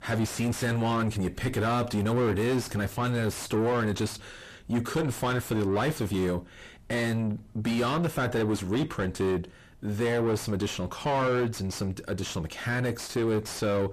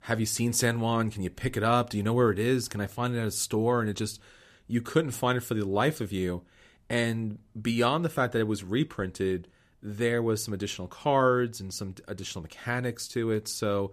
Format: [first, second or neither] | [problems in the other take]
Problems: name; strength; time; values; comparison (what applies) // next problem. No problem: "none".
second | distortion; heavy; 5 dB below the speech